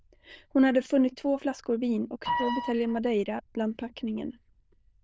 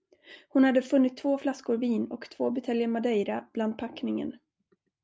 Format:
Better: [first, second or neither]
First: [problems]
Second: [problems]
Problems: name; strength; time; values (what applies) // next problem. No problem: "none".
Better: second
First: noise reduction (neural diffusion model UNIVERSE++)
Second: none